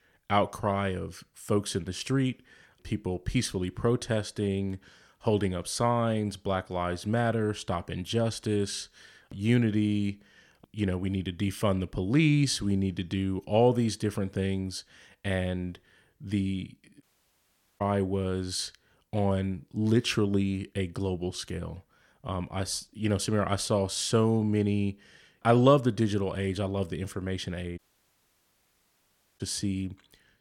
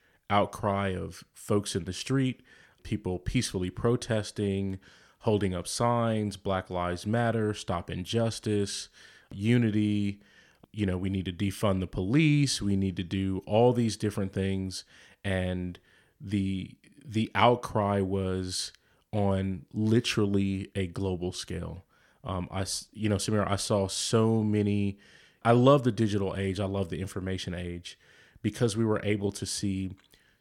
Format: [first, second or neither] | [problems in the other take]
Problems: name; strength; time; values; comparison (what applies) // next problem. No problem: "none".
second | audio cutting out; at 17 s for 1 s and at 28 s for 1.5 s